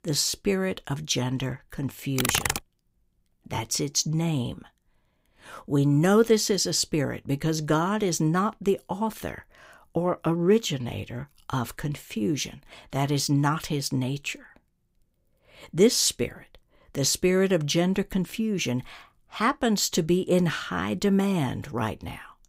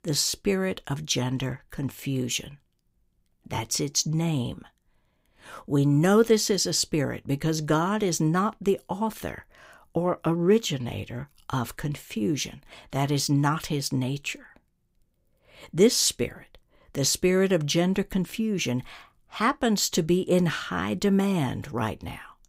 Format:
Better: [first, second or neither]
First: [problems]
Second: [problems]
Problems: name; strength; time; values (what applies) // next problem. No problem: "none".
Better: second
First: keyboard typing; loud; at 2 s; peak 1 dB above the speech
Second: none